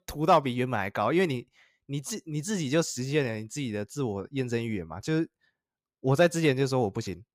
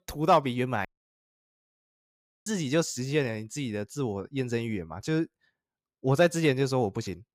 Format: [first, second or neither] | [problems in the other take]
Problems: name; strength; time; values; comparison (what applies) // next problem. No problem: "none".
first | audio cutting out; at 1 s for 1.5 s